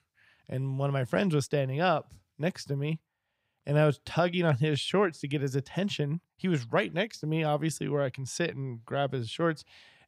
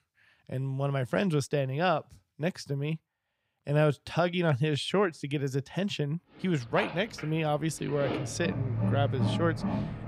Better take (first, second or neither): first